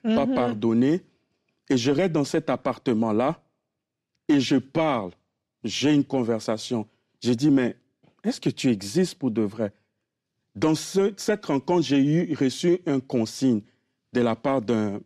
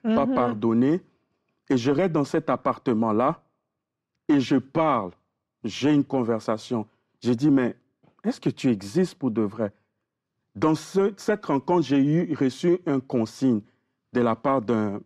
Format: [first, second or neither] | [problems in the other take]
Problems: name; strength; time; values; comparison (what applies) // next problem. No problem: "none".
first | muffled; slightly; fading above 2.5 kHz